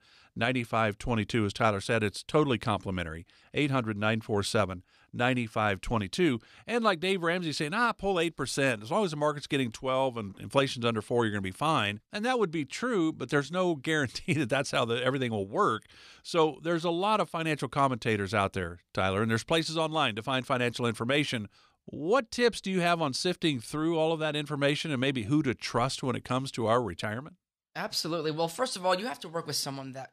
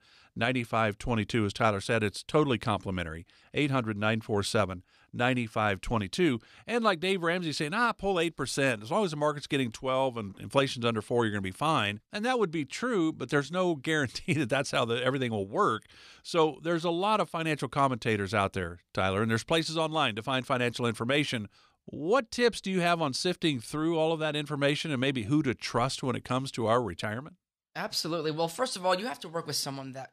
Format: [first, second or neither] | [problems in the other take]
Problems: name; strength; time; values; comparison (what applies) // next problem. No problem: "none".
neither | none